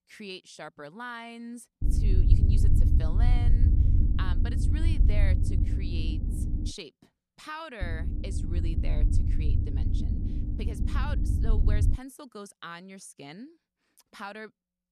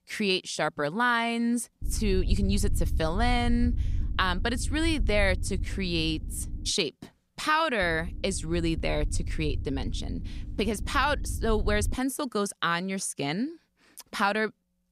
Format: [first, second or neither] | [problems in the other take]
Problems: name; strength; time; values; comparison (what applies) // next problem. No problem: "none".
second | low rumble; loud; from 2 to 6.5 s and from 8 to 12 s; 2 dB below the speech; faint in the second